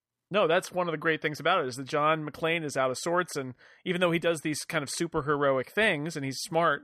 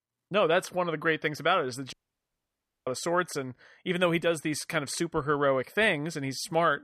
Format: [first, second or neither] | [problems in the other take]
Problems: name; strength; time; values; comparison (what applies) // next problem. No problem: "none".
first | audio cutting out; at 2 s for 1 s